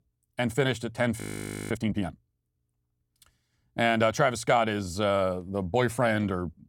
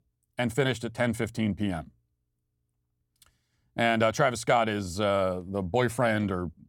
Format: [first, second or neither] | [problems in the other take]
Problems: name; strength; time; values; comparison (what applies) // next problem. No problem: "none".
second | audio freezing; at 1 s for 0.5 s